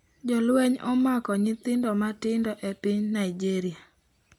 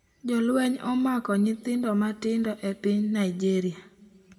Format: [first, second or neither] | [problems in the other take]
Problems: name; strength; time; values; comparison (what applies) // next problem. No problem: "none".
first | room echo; dies away in 1.1 s